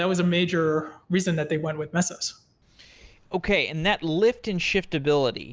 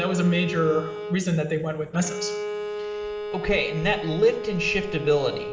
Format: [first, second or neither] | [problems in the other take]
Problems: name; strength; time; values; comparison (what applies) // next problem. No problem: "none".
first | background sound (Bowed string instrument); 7 dB below the speech // room echo; dies away in 1.7 s